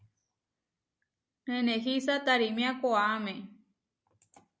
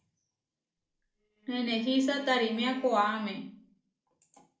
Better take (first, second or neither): first